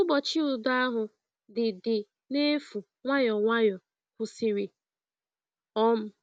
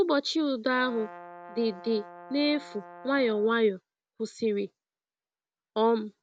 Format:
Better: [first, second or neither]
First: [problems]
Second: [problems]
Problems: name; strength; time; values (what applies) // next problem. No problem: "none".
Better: first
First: none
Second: background sound (Brass instrument); 17 dB below the speech